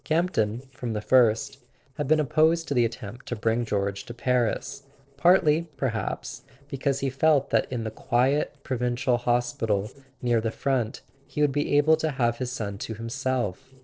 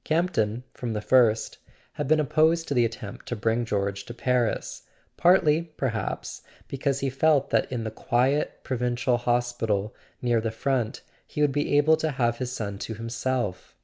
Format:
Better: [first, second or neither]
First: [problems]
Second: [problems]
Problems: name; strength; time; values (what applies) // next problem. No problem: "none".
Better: second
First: noise reduction (neural separator model SepFormer DNS4)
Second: none